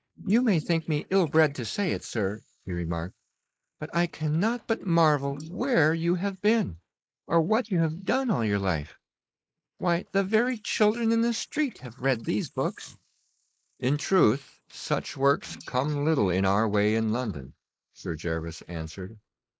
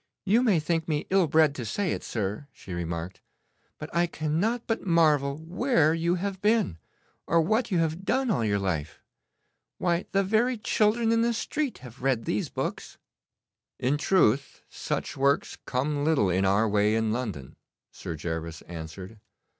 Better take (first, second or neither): second